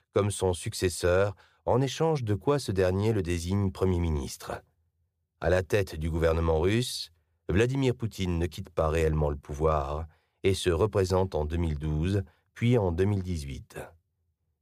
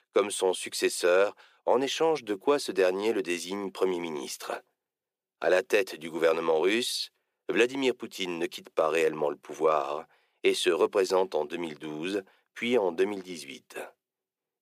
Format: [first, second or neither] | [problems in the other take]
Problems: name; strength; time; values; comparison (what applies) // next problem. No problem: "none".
first | thin; somewhat; fading below 300 Hz